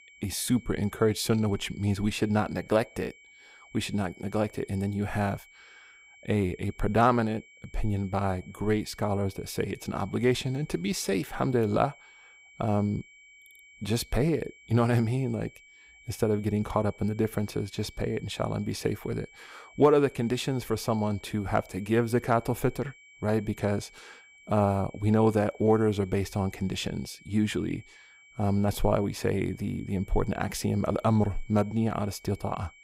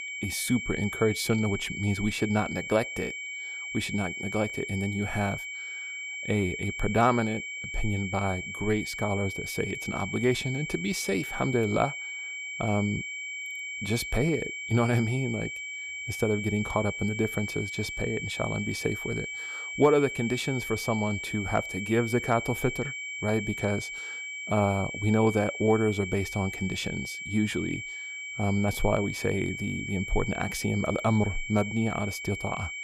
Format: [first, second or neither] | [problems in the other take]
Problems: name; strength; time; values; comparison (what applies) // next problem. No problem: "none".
first | high-pitched whine; loud; throughout; 2.5 kHz, 5 dB below the speech; faint in the first